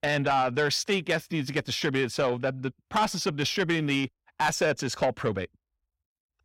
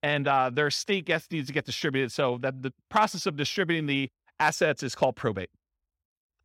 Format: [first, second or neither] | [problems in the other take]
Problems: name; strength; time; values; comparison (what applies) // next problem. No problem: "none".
second | distortion; slight; 10 dB below the speech